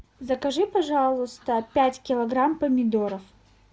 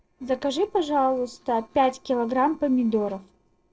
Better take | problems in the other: first | noise reduction (neural separator model SepFormer DNS4)

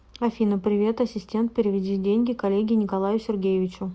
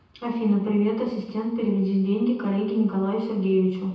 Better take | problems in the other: first | room echo; dies away in 0.9 s

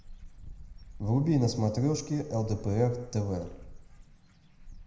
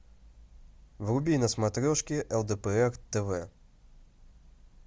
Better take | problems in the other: second | background sound (Bird / Dog); 16 dB below the speech // room echo; dies away in 0.7 s

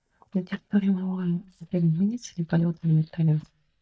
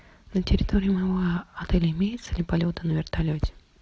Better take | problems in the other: second | noise reduction (neural mask model DeepFilterNet 3)

